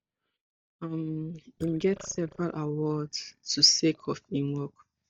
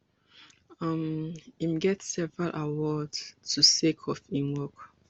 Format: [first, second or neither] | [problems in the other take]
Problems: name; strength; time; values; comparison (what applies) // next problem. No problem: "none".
second | noise reduction (neural mask model DeepFilterNet 3)